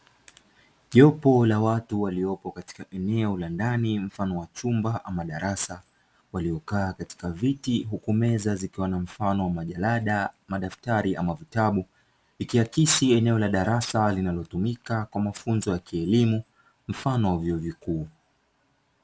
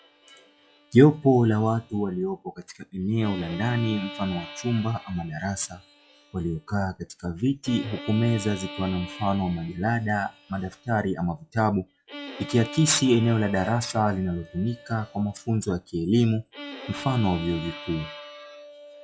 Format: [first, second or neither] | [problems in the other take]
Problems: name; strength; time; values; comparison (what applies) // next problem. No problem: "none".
first | noise reduction (classical method log-MMSE)